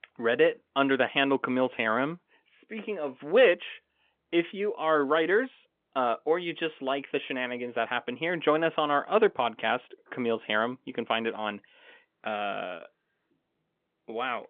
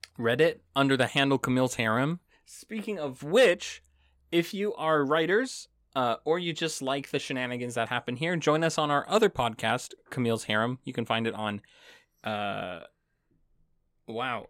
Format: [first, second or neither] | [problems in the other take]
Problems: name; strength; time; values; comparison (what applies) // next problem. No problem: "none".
second | phone-call audio; nothing above 3.5 kHz